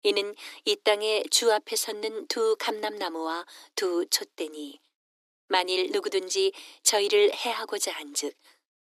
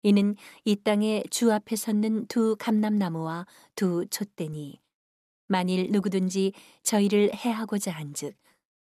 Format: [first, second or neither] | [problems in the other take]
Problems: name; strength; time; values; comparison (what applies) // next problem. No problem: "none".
second | thin; very; fading below 300 Hz